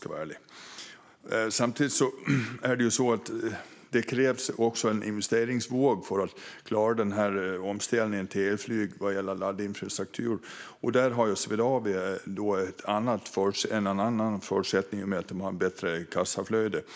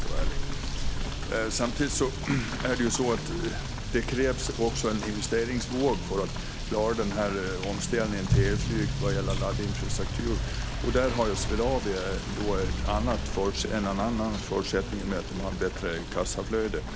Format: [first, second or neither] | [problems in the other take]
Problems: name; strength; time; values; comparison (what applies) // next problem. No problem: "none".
first | background sound (Motor vehicle (road) / Rain); 1 dB below the speech